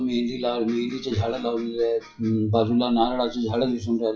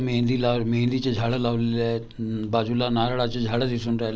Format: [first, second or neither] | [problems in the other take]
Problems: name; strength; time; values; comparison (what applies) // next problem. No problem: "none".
second | noise reduction (classical method WPE with log-MMSE)